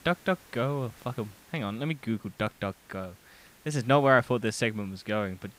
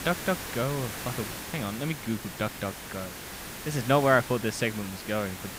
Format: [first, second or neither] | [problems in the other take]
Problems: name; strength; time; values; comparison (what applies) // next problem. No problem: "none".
first | hiss; loud; throughout; 8 dB below the speech; faint in the first